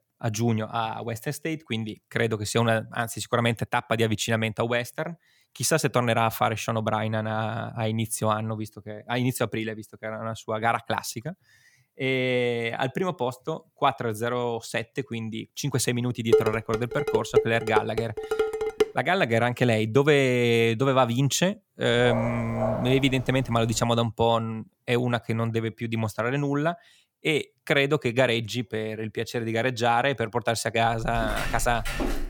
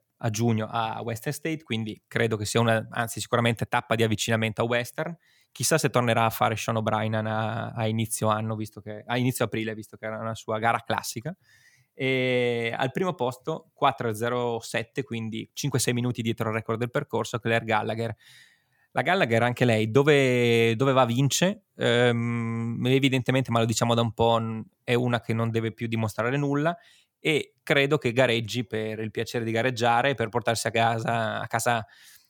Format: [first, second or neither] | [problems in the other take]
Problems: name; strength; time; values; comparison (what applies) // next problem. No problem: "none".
second | clattering dishes; loud; from 16 to 19 s; peak 3 dB above the speech // dog barking; noticeable; from 22 to 24 s; peak 4 dB below the speech // footsteps; noticeable; from 31 s on; peak 4 dB below the speech